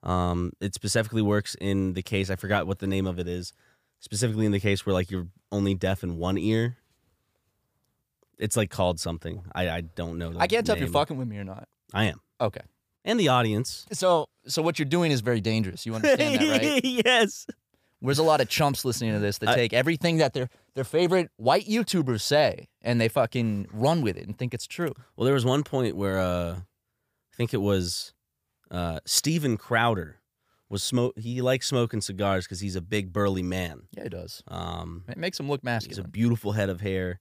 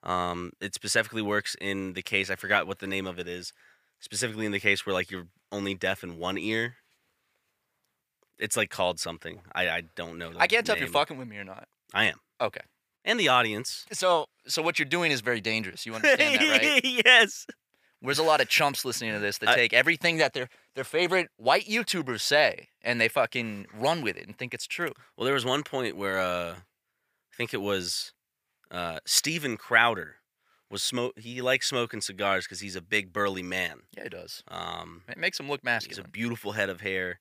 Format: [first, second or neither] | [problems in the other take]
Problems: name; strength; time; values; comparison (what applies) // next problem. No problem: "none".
first | thin; somewhat; fading below 450 Hz